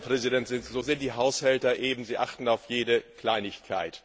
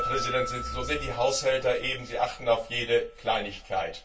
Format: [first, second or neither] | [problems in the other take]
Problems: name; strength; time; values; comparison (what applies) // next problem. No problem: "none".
first | background sound (Piano); 10 dB below the speech // room echo; dies away in 0.2 s